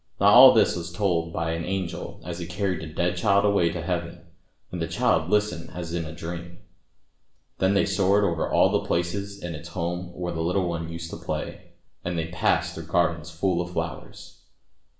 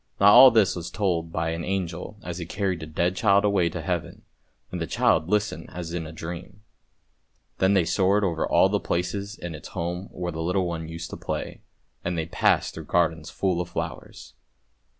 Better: second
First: room echo; dies away in 0.5 s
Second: none

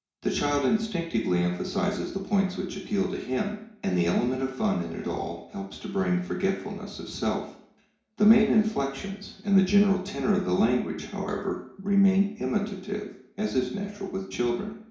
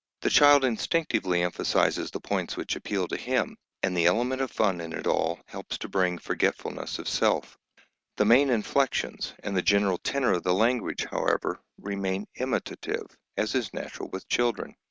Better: second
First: room echo; dies away in 0.6 s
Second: none

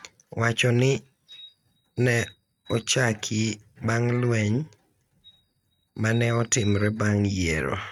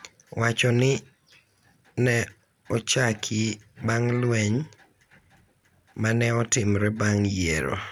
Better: second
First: noise reduction (neural mask model RNNoise)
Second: none

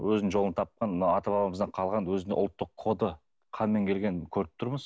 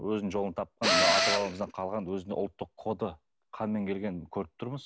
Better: first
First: none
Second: background sound (Tools); 5 dB above the speech

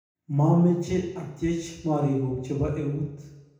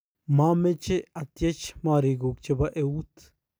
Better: second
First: room echo; dies away in 0.8 s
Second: none

